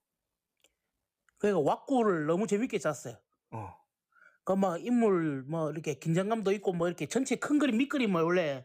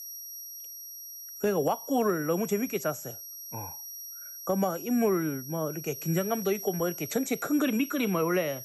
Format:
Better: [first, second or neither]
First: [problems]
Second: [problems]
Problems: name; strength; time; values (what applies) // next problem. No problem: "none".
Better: first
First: none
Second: high-pitched whine; loud; throughout; 11.5 kHz, 10 dB below the speech